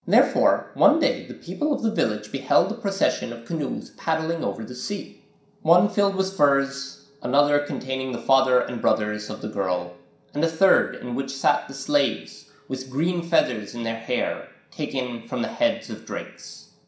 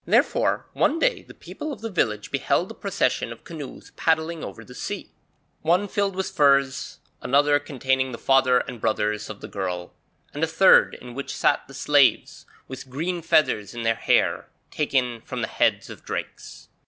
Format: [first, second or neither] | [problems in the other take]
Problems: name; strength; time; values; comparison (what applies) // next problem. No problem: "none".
second | room echo; dies away in 0.5 s